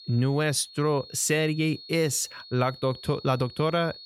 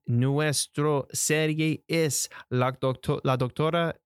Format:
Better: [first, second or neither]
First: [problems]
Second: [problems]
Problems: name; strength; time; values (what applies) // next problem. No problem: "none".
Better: second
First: high-pitched whine; noticeable; throughout; 4.5 kHz, 20 dB below the speech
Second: none